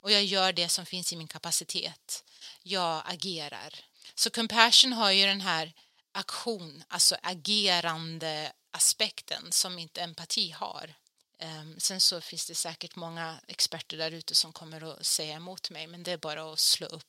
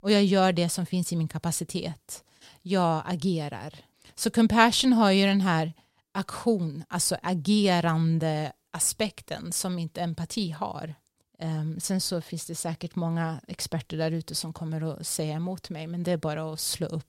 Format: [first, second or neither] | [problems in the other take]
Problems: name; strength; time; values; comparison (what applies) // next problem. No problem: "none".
second | thin; somewhat; fading below 950 Hz